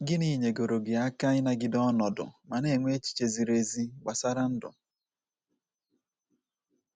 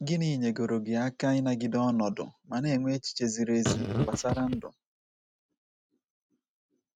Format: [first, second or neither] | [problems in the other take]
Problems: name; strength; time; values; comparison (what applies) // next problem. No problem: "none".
first | noise reduction (neural mask model RNNoise)